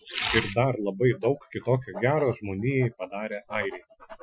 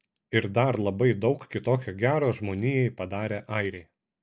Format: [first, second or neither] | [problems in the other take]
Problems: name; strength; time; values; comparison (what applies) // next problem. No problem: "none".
second | noise reduction (classical method Wiener filter)